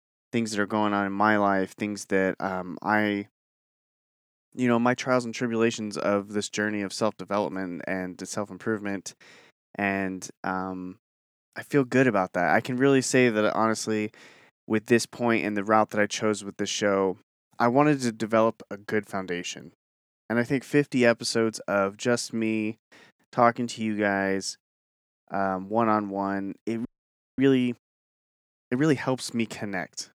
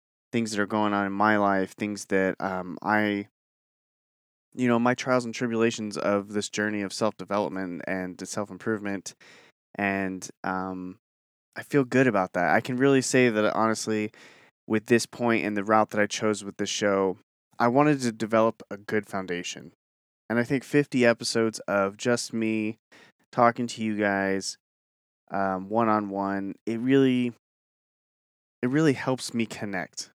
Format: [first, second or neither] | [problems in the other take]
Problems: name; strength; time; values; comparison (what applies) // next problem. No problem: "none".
second | audio freezing; at 27 s for 0.5 s